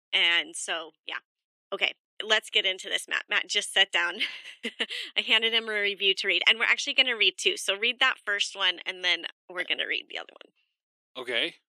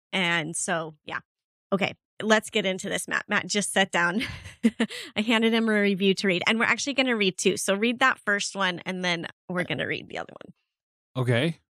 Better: second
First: thin; very; fading below 350 Hz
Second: none

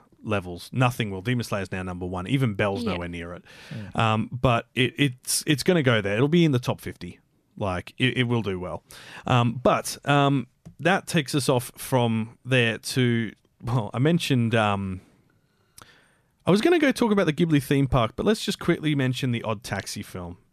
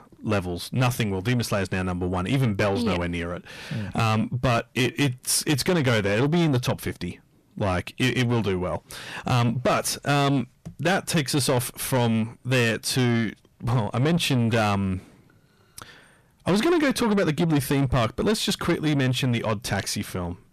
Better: first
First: none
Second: distortion; heavy; 8 dB below the speech

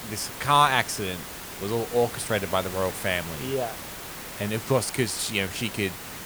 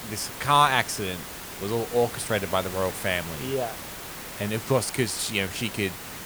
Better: neither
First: hiss; loud; throughout; 9 dB below the speech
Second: hiss; loud; throughout; 9 dB below the speech

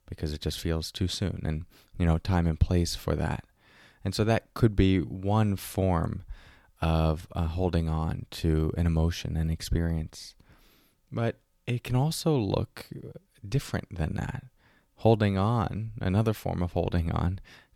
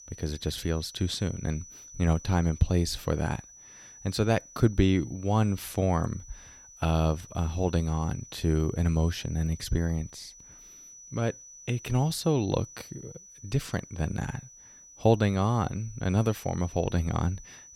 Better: first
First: none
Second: high-pitched whine; noticeable; throughout; 6 kHz, 20 dB below the speech

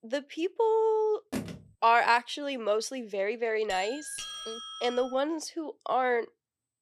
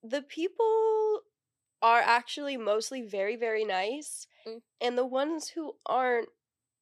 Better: second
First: phone ringing; noticeable; at 1.5 s; peak 9 dB below the speech // doorbell; noticeable; from 3.5 to 5 s; peak 9 dB below the speech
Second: none

